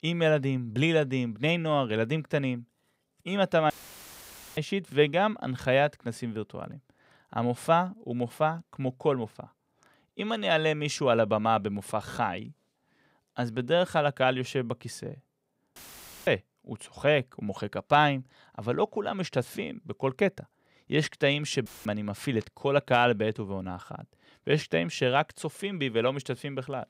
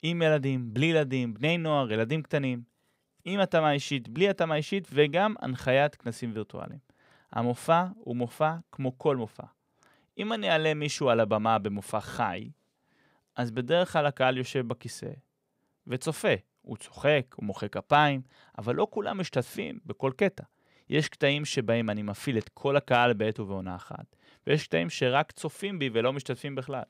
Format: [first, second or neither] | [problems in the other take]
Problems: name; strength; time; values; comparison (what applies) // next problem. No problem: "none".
second | audio cutting out; filled with static; at 3.5 s for 1 s, at 16 s for 0.5 s and at 22 s